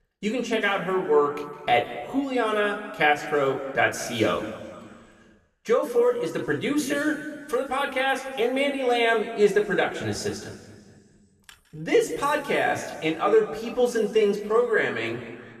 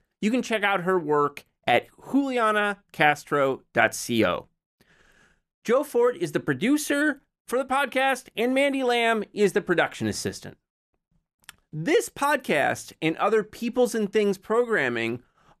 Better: second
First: room echo; slight; dies away in 1.7 s // off-mic speech; somewhat distant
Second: none

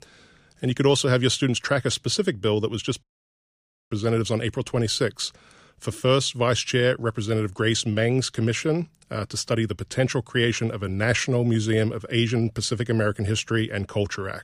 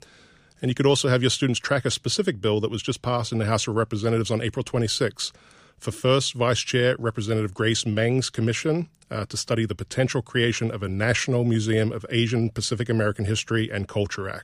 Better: second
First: audio cutting out; at 3 s for 1 s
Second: none

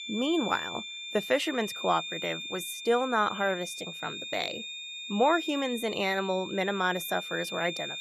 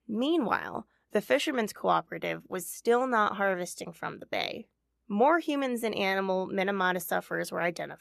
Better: second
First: high-pitched whine; loud; throughout; 3.5 kHz, 7 dB below the speech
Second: none

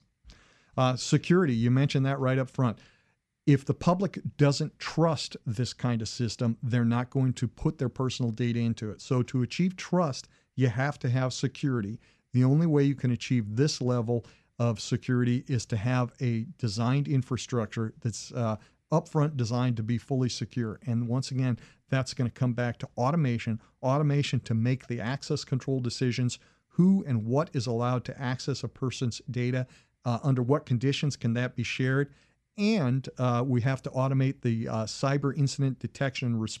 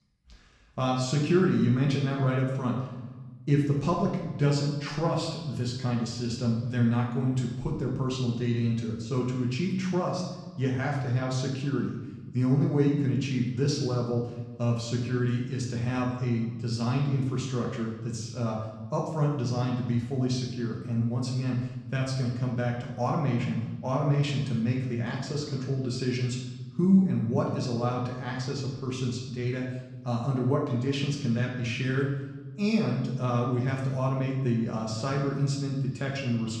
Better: first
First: none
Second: room echo; noticeable; dies away in 1 s // off-mic speech; far

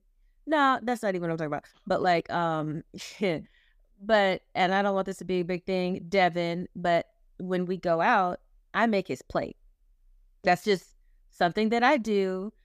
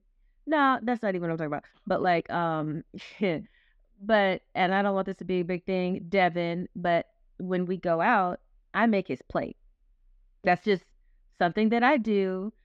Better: first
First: none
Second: muffled; very slightly; fading above 3 kHz

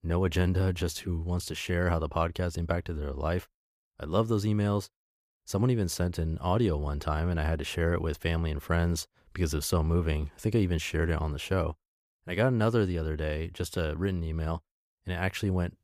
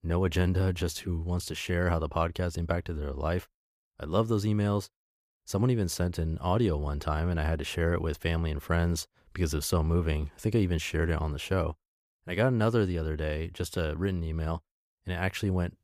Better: neither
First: none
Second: none

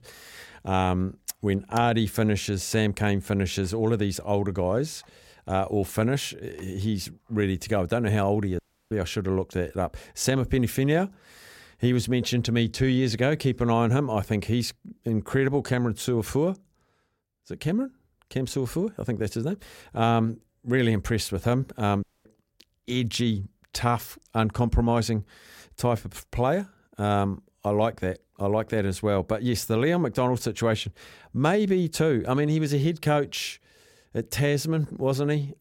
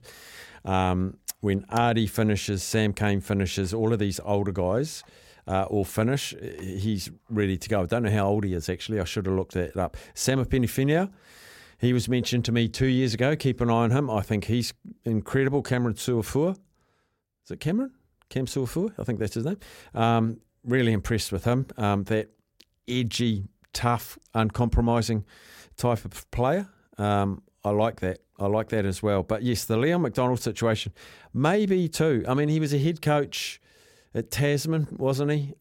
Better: second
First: audio cutting out; at 8.5 s and at 22 s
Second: none

